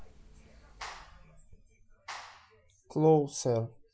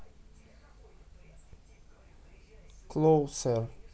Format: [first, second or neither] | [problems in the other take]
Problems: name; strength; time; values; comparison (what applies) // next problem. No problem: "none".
second | noise reduction (classical method Wiener filter)